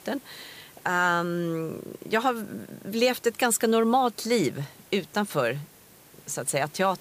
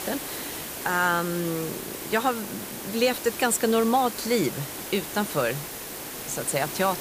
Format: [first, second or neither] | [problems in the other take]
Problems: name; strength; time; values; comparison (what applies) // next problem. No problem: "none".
first | hiss; loud; throughout; 8 dB below the speech; faint in the first